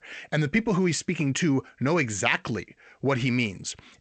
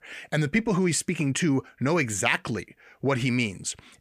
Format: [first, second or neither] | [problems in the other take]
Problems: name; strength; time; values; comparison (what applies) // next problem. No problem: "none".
second | garbled, watery; slightly; nothing above 8 kHz